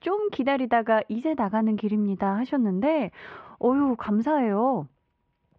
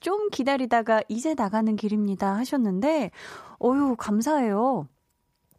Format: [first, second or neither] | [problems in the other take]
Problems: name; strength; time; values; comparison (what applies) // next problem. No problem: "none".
second | muffled; very; fading above 3 kHz